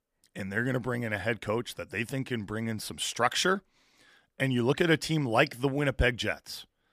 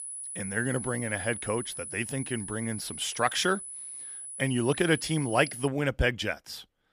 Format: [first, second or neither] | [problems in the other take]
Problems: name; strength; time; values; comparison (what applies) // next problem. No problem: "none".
first | high-pitched whine; loud; until 5.5 s; 10 kHz, 8 dB below the speech